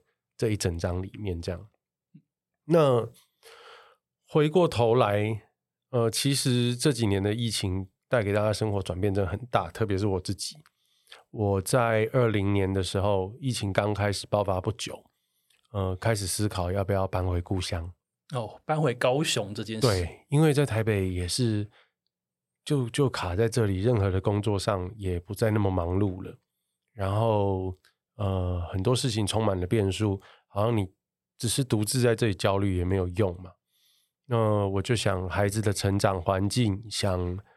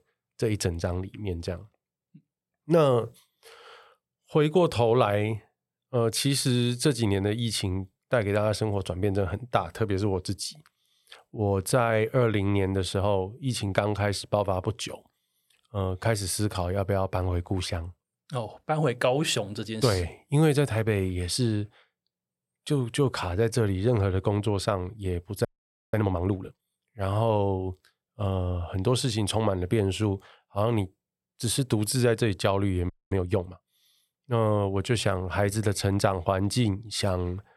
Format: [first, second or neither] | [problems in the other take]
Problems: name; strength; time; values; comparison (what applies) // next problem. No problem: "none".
first | audio freezing; at 25 s and at 33 s